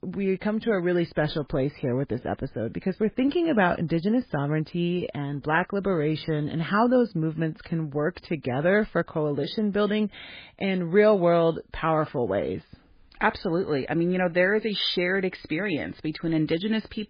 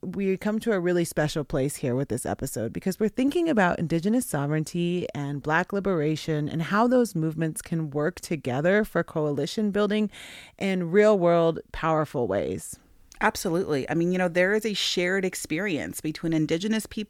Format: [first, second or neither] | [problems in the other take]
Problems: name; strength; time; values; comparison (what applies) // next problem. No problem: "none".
second | garbled, watery; badly